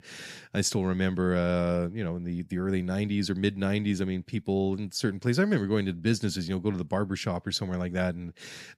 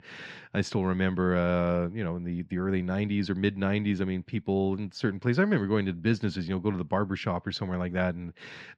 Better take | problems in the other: first | muffled; slightly; fading above 3 kHz

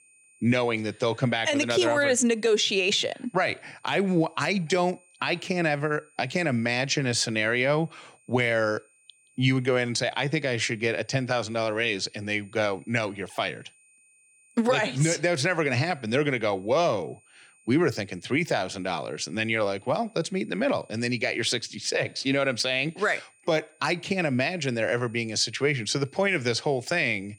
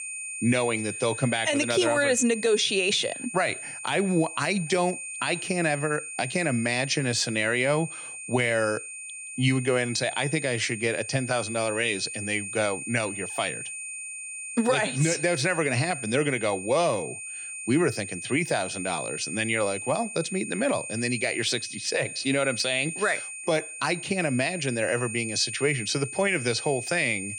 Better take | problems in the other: first | high-pitched whine; loud; throughout; 2.5 kHz, 8 dB below the speech; faint in the first

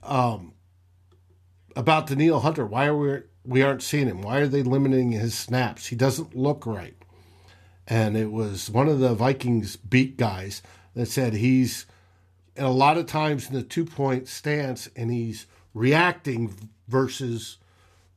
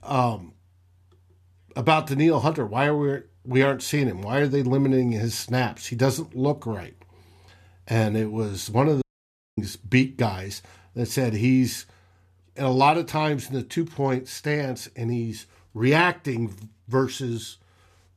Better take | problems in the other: first | audio cutting out; at 9 s for 0.5 s

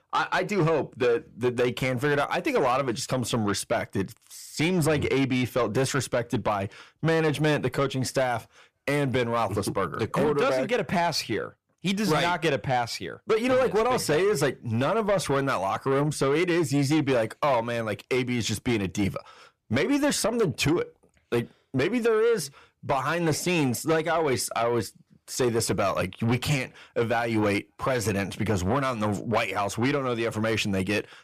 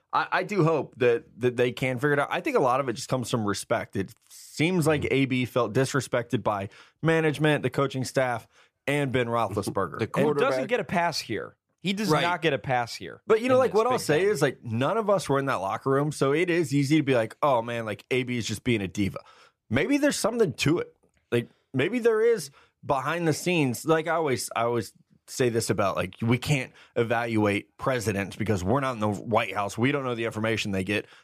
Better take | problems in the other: second | distortion; slight; 10 dB below the speech

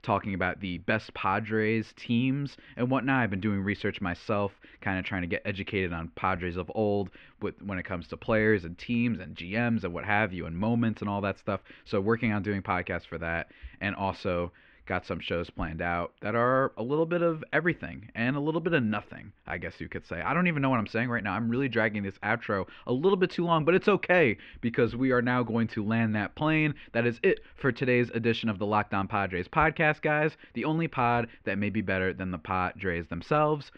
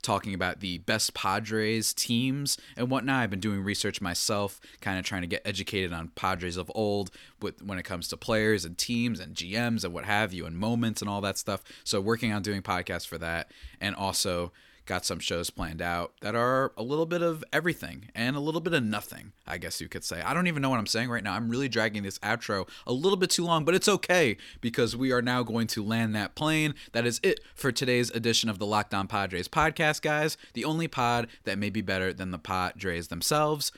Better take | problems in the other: second | muffled; very; fading above 2.5 kHz

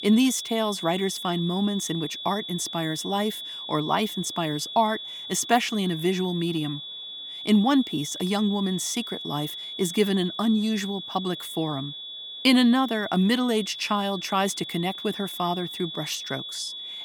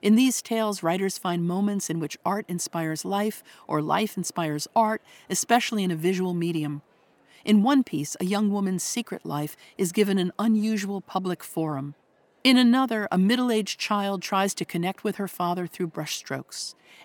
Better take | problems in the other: second | high-pitched whine; loud; throughout; 3.5 kHz, 8 dB below the speech

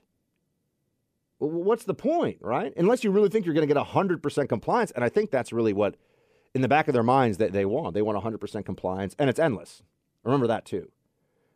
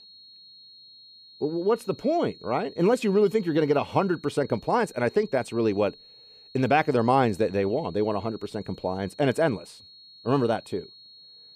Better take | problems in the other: first | high-pitched whine; faint; throughout; 4.5 kHz, 25 dB below the speech

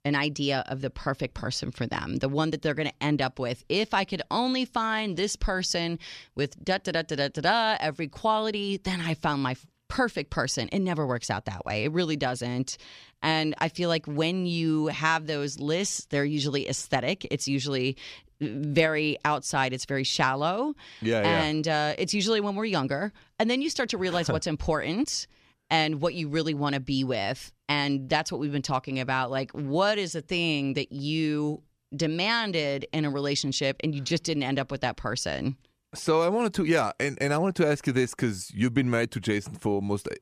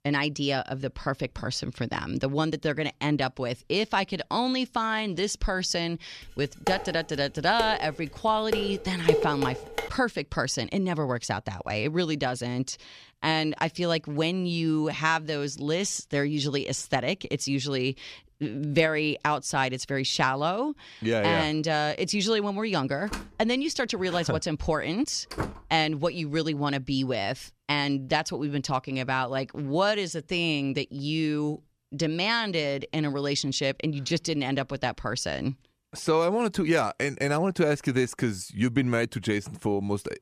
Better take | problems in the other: first | clattering dishes; loud; from 6.5 to 10 s; peak 3 dB above the speech // door banging; noticeable; from 23 to 26 s; peak 7 dB below the speech

